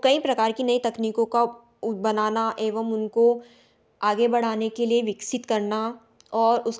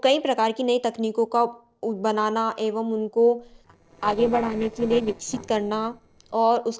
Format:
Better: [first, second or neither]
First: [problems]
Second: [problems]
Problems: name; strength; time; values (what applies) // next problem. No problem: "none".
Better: first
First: none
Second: noise reduction (neural separator model SepFormer DNS4)